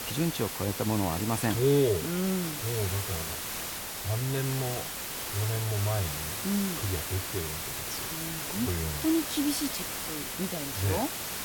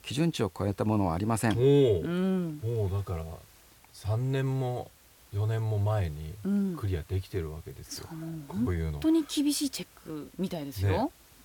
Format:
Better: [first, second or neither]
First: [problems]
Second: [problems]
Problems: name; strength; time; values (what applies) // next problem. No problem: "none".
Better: second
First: hiss; loud; throughout; 2 dB below the speech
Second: hiss; faint; throughout; 25 dB below the speech